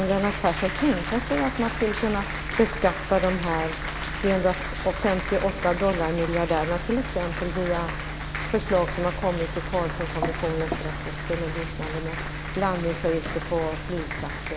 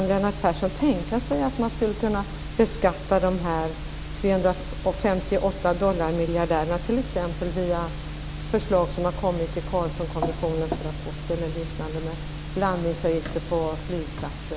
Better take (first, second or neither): second